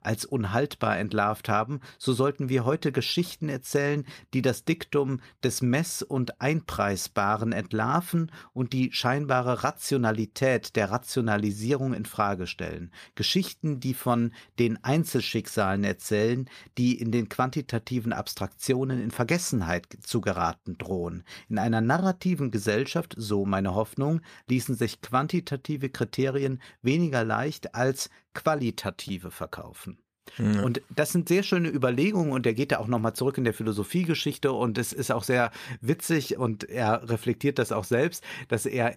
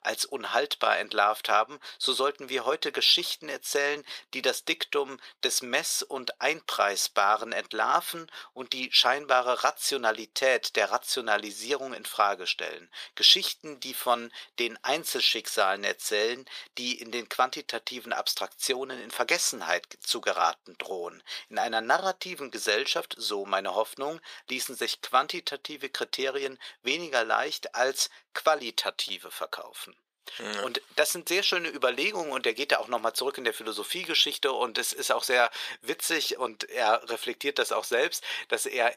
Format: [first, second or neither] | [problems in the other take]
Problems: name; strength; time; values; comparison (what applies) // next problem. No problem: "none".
first | thin; very; fading below 500 Hz